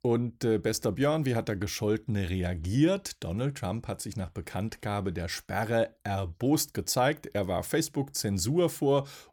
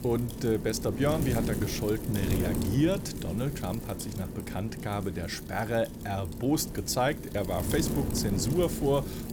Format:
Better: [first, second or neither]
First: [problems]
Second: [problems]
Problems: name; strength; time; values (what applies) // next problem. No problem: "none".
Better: first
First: none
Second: wind noise on the microphone; heavy; 8 dB below the speech